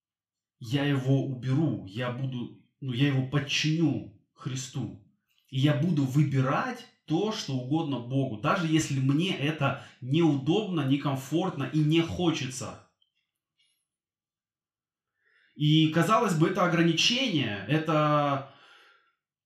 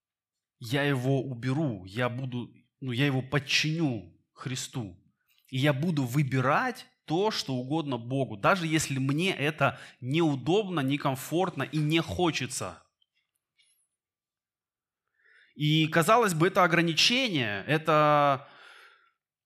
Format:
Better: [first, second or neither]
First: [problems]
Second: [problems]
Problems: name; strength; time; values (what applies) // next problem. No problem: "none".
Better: second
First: room echo; slight; dies away in 0.3 s // off-mic speech; somewhat distant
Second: none